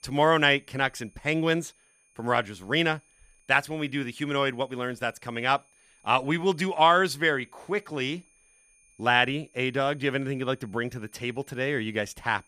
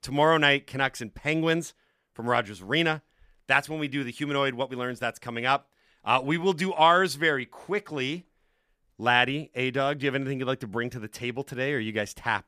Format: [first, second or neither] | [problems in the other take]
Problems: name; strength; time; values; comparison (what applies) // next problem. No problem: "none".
second | high-pitched whine; faint; throughout; 2.5 kHz, 35 dB below the speech